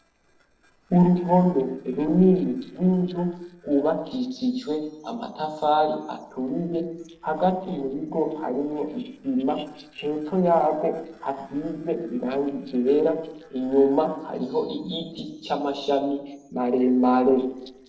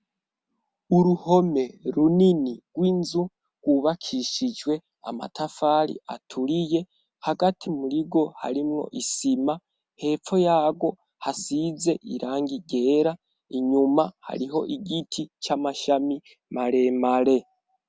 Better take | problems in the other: second | noise reduction (neural separator model SepFormer DNS4)

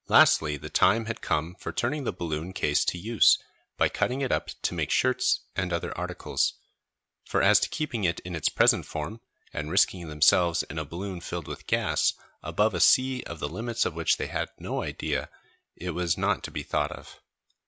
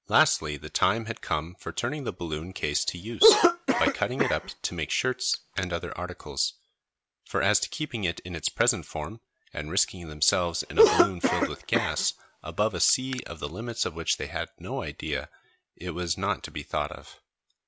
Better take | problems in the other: first | background sound (Cough); 2 dB above the speech

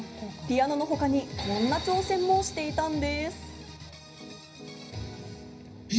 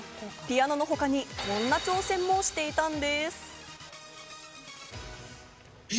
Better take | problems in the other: second | background sound (Piano); 18 dB below the speech // room echo; dies away in 0.5 s

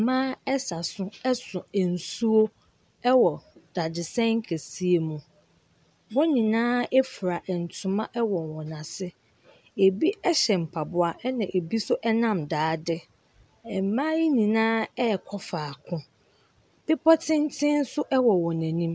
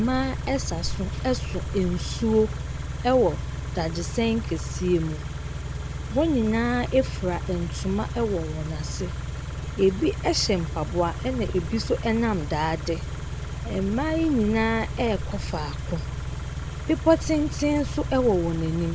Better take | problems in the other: first | background sound (Idling / Car); 5 dB below the speech

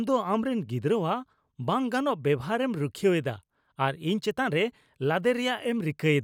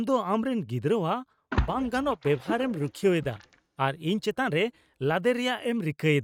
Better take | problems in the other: first | noise reduction (neural mask model RNNoise)

